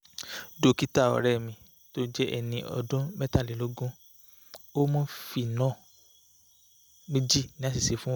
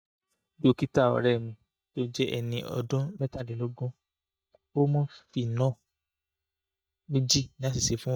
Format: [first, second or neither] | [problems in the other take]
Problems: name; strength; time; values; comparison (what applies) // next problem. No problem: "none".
first | noise reduction (neural mask model DeepFilterNet 3)